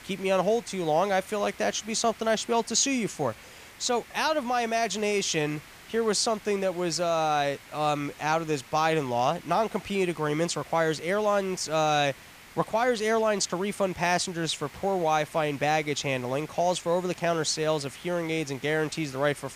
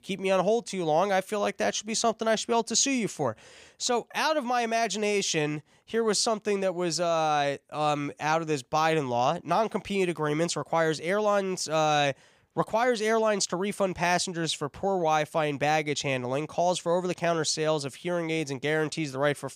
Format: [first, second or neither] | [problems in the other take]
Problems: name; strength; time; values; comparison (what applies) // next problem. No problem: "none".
second | hiss; faint; throughout; 20 dB below the speech